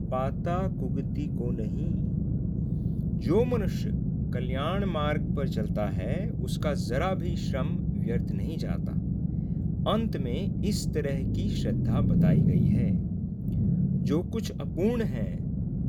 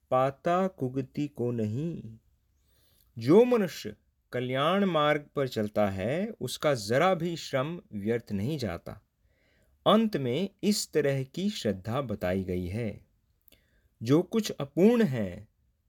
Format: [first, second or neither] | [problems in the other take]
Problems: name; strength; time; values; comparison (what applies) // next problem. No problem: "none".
second | low rumble; loud; throughout; 4 dB below the speech